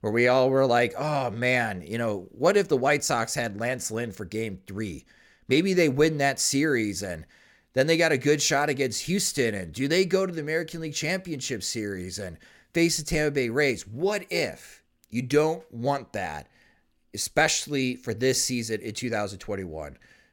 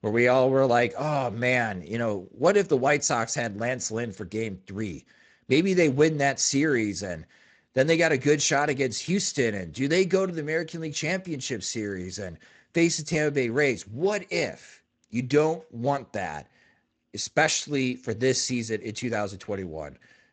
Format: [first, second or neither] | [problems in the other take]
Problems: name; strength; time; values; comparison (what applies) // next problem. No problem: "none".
first | garbled, watery; slightly; nothing above 7.5 kHz